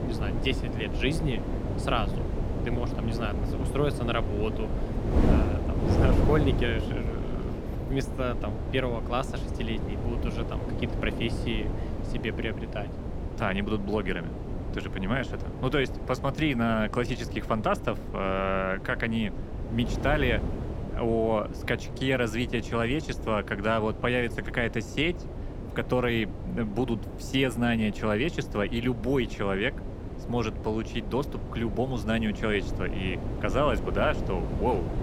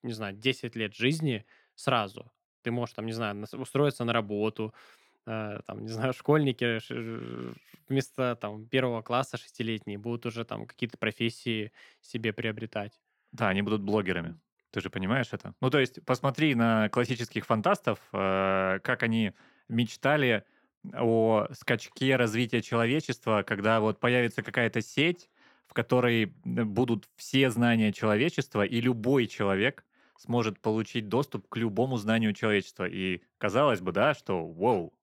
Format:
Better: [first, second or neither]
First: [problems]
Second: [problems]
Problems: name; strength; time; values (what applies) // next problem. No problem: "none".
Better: second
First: wind noise on the microphone; heavy; 8 dB below the speech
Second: none